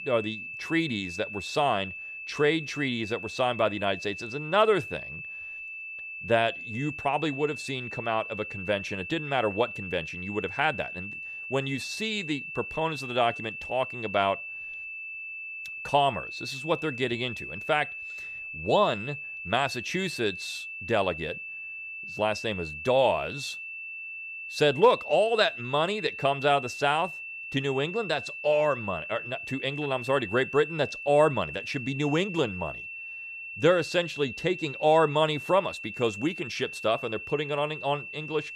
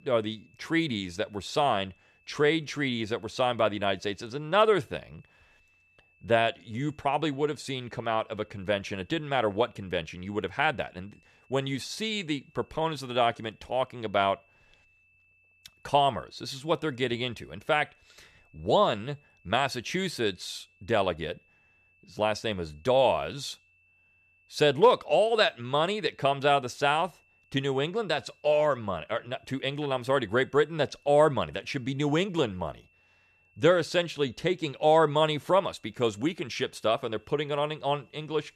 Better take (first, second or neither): second